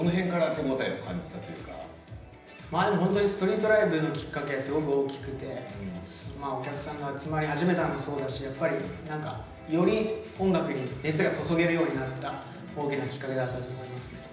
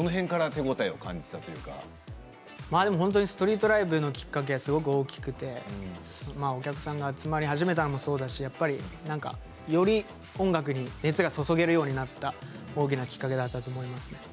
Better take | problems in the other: second | room echo; dies away in 0.9 s

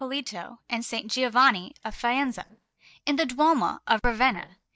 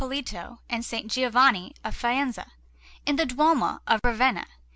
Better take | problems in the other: second | noise reduction (neural mask model DeepFilterNet 3)

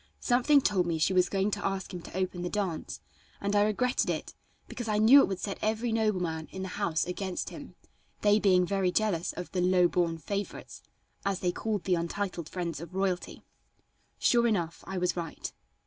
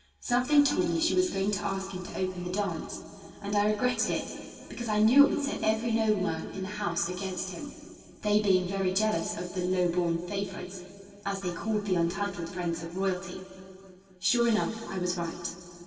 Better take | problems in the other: first | room echo; dies away in 2.5 s

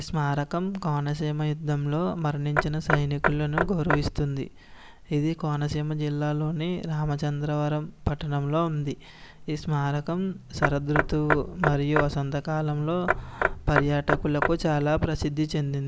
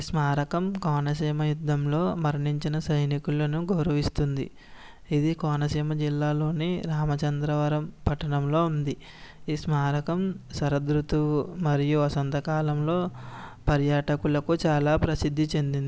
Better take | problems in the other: second | background sound (Knock / Wood); 3 dB below the speech

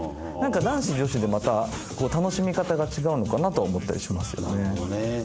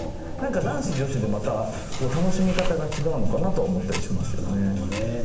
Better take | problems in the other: first | background sound (Tick-tock); 2 dB below the speech // room echo; dies away in 0.8 s

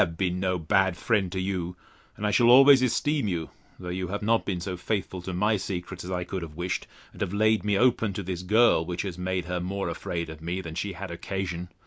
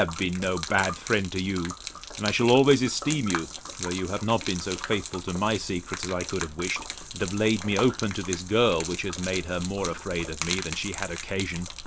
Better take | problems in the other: first | background sound (Gurgling / Liquid); 10 dB below the speech

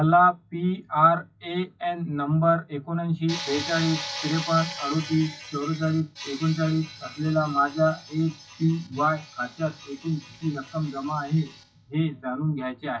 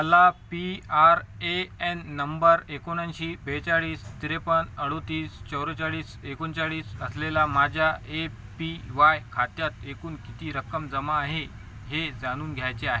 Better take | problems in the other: second | noise reduction (classical method WPE with log-MMSE)

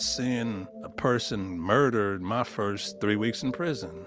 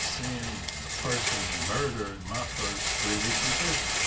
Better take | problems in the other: first | background sound (Rattle); 5 dB above the speech // room echo; dies away in 0.2 s

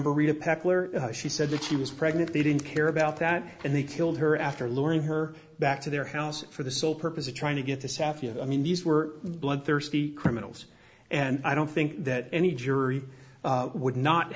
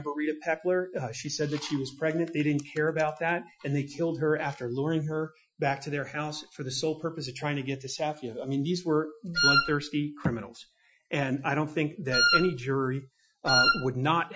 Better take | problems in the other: first | noise reduction (classical method Wiener filter)

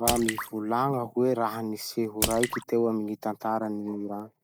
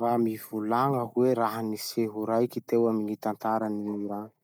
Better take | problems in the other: second | background sound (Drip / Splash, splatter); 8 dB below the speech

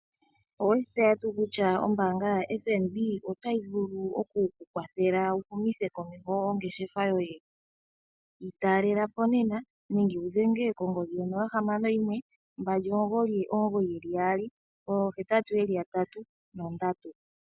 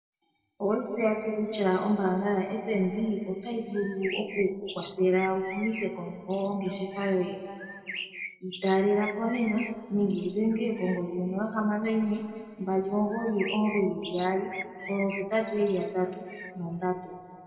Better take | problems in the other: first | background sound (Bird); 14 dB below the speech // room echo; dies away in 2.2 s

